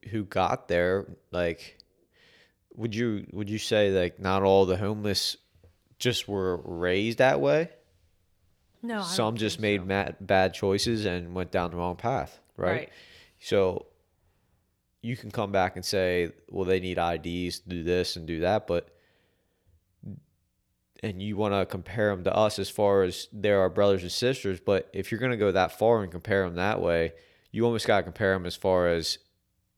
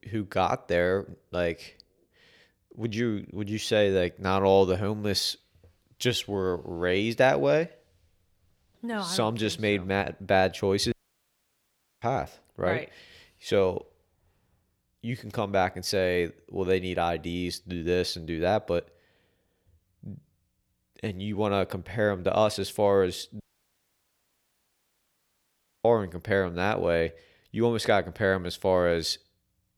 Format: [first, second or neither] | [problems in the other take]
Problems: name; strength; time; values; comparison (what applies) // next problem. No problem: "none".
first | audio cutting out; at 11 s for 1 s and at 23 s for 2.5 s